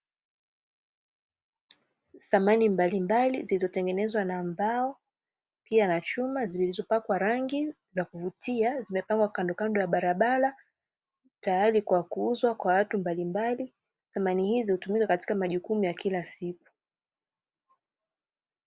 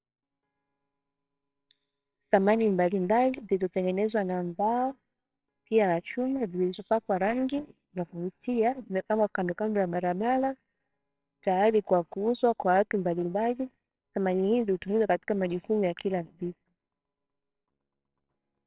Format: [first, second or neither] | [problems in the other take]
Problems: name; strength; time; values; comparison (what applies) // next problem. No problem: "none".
first | noise reduction (neural separator model SepFormer WHAMR!)